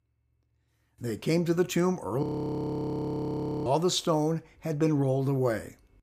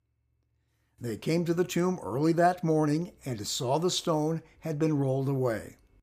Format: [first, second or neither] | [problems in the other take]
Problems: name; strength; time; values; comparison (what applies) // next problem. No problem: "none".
second | audio freezing; at 2 s for 1.5 s